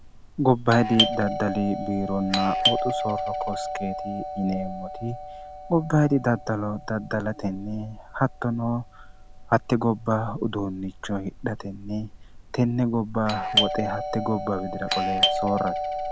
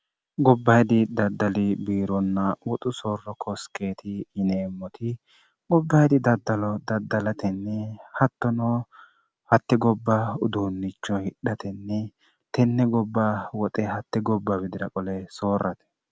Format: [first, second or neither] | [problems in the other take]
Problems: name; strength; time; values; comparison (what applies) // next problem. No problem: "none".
second | background sound (Doorbell); 4 dB below the speech